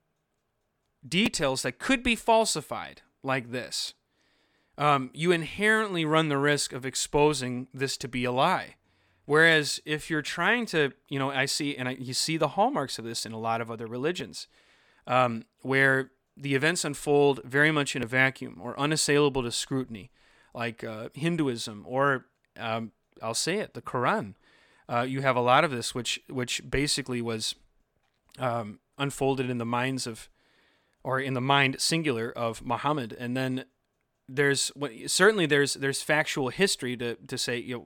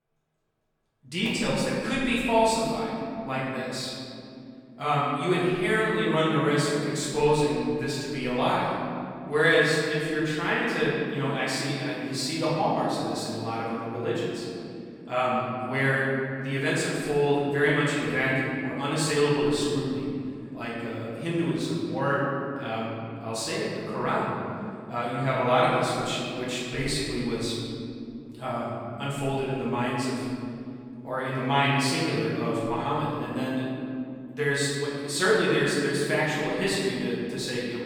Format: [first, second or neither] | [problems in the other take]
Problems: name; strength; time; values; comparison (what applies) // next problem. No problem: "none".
first | off-mic speech; far // room echo; strong; dies away in 3 s